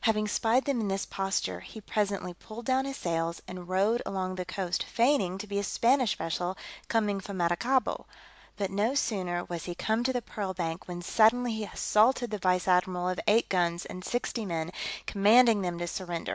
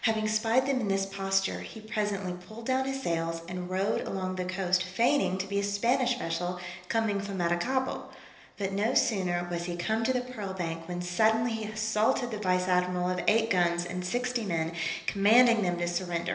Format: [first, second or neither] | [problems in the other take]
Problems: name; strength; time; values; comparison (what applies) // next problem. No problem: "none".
first | room echo; dies away in 0.8 s